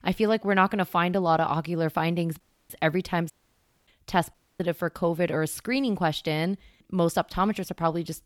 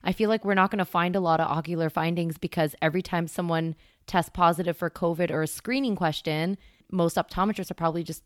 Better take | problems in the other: second | audio cutting out; at 2.5 s, at 3.5 s for 0.5 s and at 4.5 s

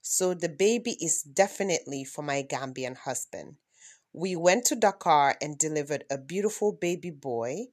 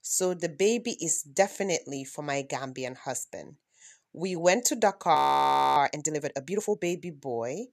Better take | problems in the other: first | audio freezing; at 5 s for 0.5 s

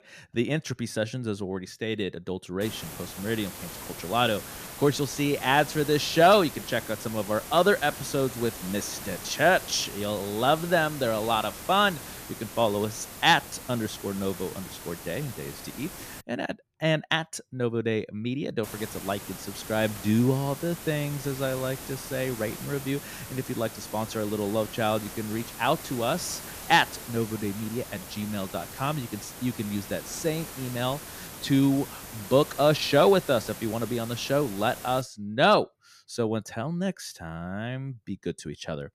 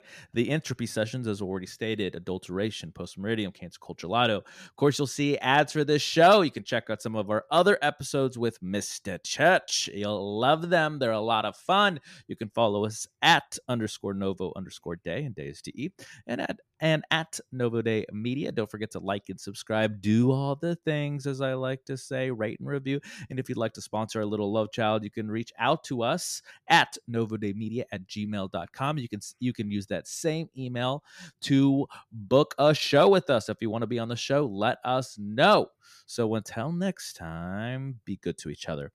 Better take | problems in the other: second | hiss; noticeable; from 2.5 to 16 s and from 19 to 35 s; 10 dB below the speech

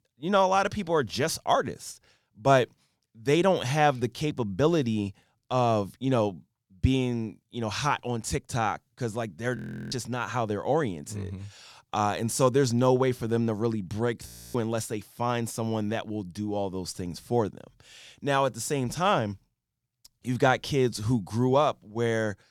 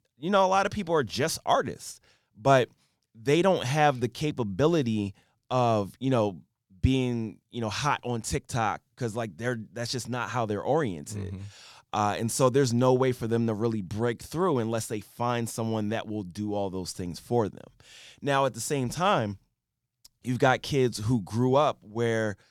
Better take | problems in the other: second | audio freezing; at 9.5 s and at 14 s

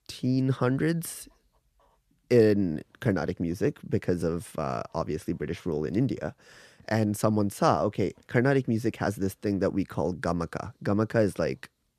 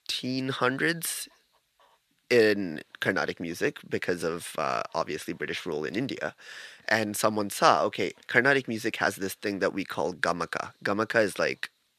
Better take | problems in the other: first | thin; somewhat; fading below 750 Hz

